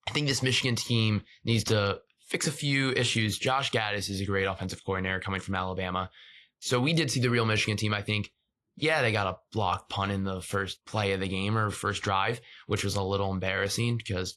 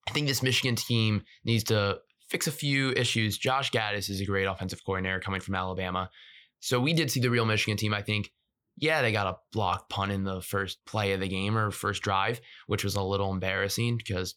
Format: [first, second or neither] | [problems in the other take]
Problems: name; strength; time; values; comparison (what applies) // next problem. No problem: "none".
second | garbled, watery; slightly; nothing above 11.5 kHz